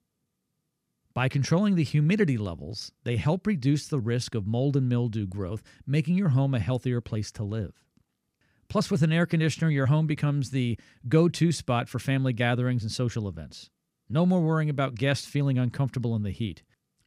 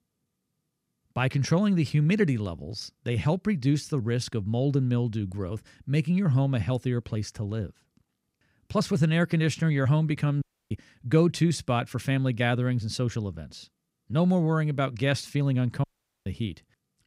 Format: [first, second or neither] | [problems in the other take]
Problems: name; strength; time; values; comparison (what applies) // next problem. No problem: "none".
first | audio cutting out; at 10 s and at 16 s